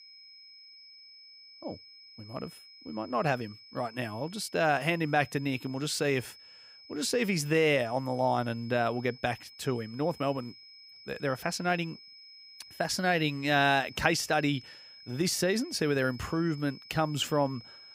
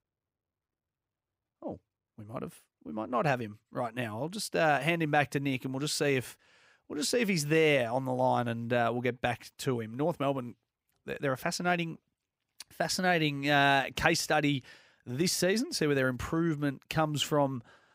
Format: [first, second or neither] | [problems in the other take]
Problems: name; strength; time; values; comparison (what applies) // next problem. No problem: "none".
second | high-pitched whine; noticeable; throughout; 5 kHz, 20 dB below the speech